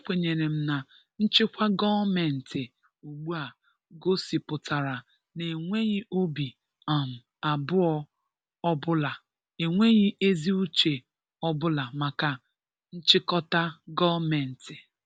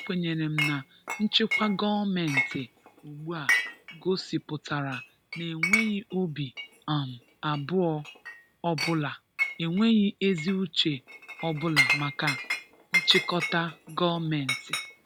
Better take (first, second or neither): first